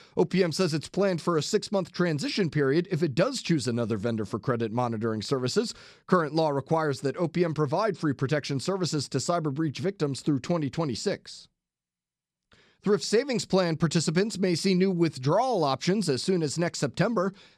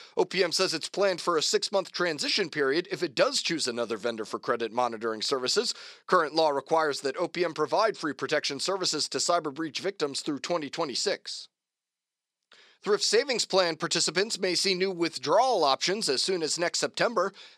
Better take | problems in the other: first | thin; somewhat; fading below 450 Hz

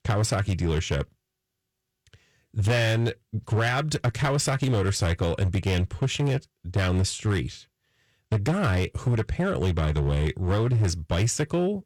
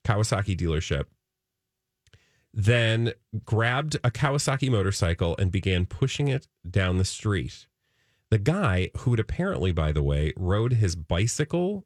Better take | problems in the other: second | distortion; slight; 10% of the sound clipped

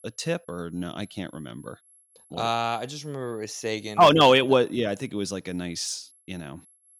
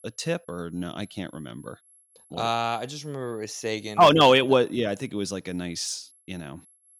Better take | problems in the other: neither | high-pitched whine; faint; throughout; 11 kHz, 30 dB below the speech; the same in both

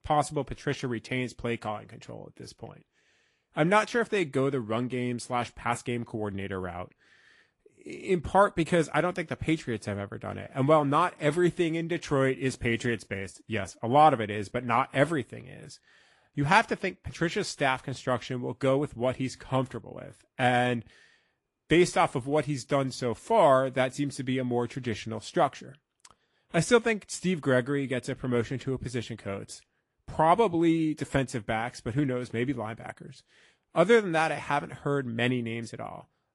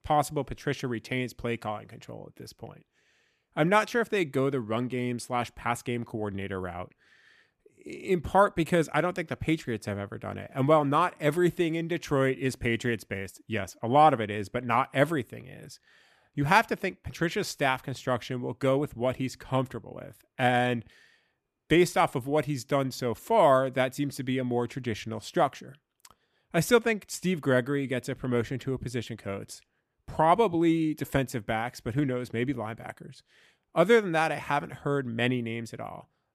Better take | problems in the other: second | garbled, watery; slightly; nothing above 11 kHz

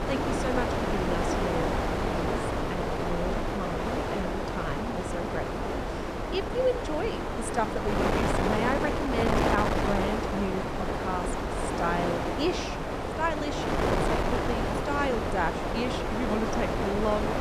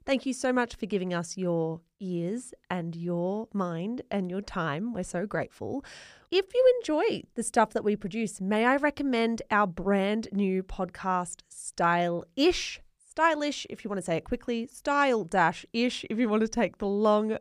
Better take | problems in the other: second | wind noise on the microphone; heavy; 3 dB above the speech

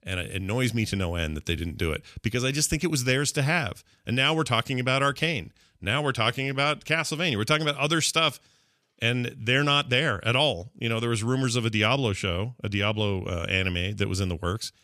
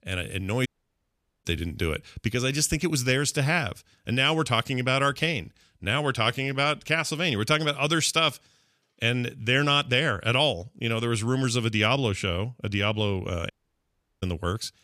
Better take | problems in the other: first | audio cutting out; at 0.5 s for 1 s and at 14 s for 0.5 s

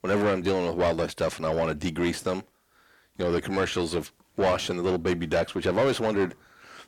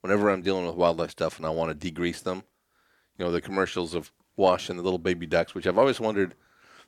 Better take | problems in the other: second | distortion; heavy; 7 dB below the speech

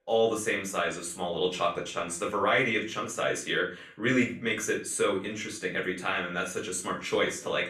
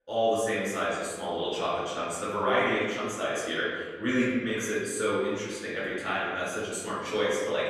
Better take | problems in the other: first | room echo; strong; dies away in 1.3 s; slight in the first // off-mic speech; far; far in the first

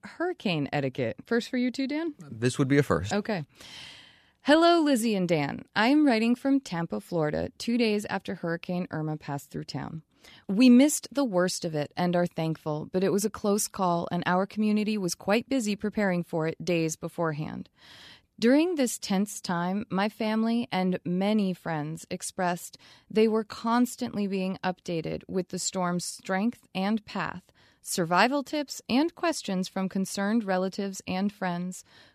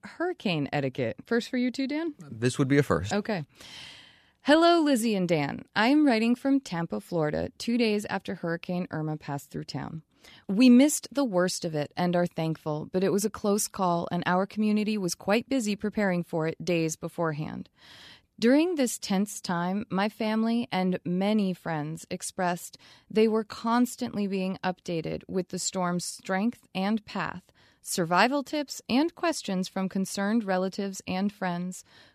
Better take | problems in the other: neither | none

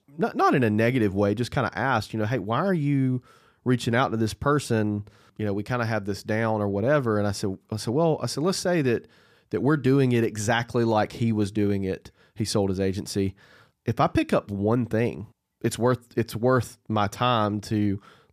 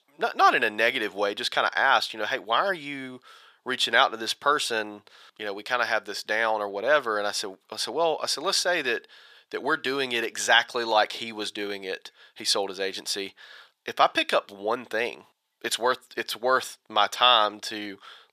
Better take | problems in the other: first | thin; very; fading below 700 Hz

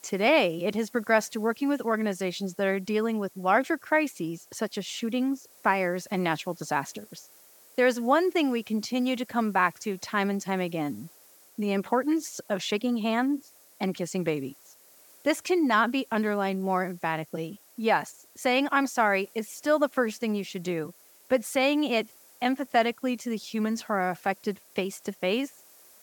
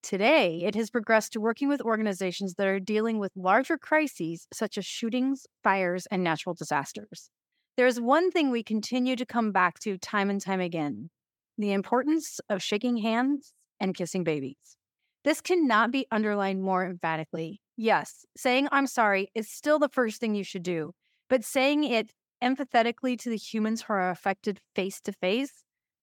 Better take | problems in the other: second | hiss; faint; throughout; 25 dB below the speech

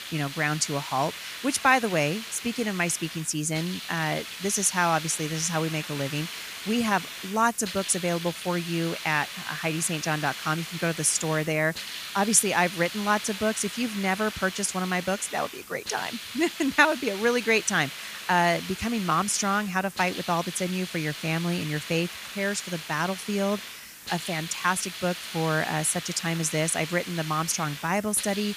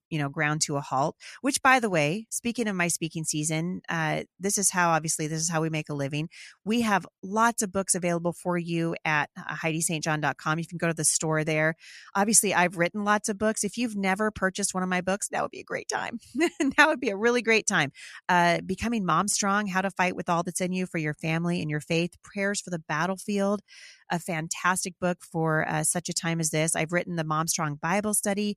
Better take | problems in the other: second | hiss; loud; throughout; 9 dB below the speech

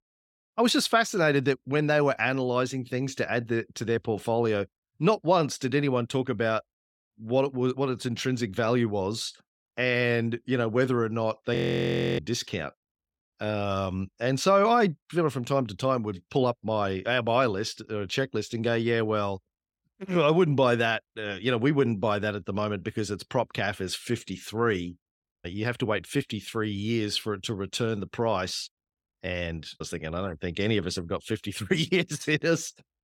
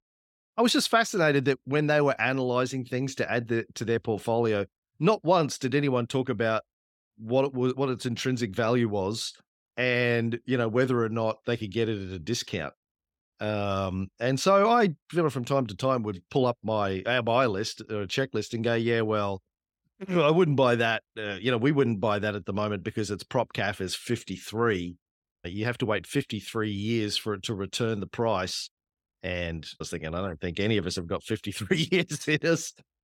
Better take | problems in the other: second | audio freezing; at 12 s for 0.5 s

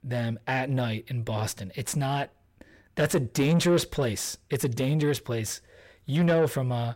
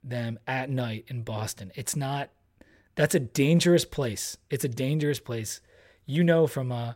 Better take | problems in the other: second | distortion; slight; 10 dB below the speech

